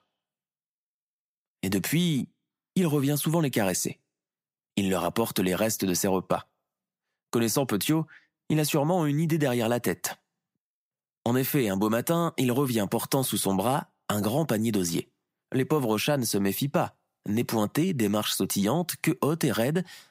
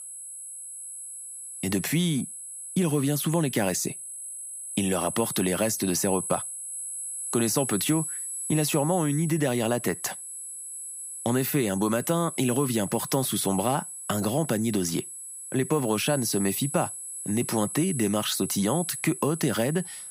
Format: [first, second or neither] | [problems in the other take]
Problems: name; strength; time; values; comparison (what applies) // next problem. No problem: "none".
first | high-pitched whine; loud; throughout; 10.5 kHz, 7 dB below the speech